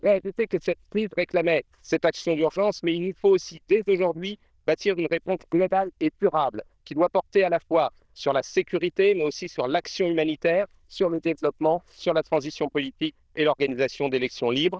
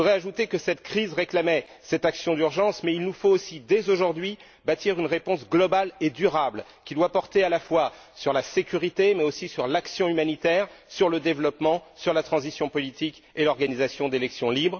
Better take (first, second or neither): second